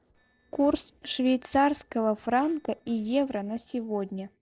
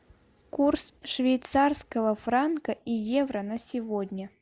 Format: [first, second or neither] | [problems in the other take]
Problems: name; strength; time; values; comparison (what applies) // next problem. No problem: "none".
second | noise reduction (neural separator model SepFormer DNS4)